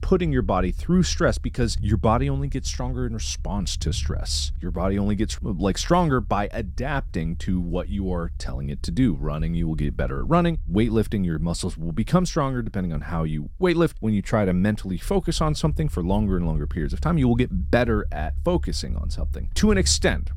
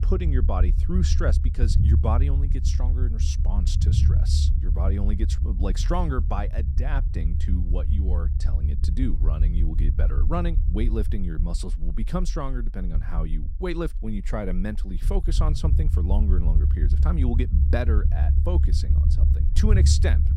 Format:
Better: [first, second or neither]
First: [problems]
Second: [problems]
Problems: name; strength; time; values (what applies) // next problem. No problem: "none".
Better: first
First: low rumble; faint; throughout; 25 dB below the speech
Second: low rumble; loud; throughout; 6 dB below the speech